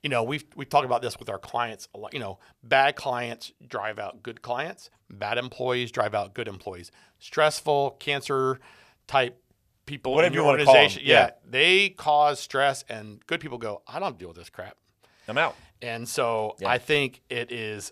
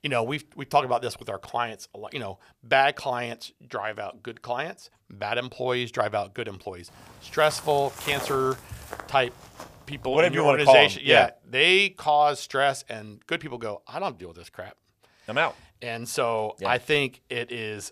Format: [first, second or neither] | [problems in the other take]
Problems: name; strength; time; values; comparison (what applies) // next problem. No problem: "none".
first | footsteps; noticeable; from 7 to 10 s; peak 9 dB below the speech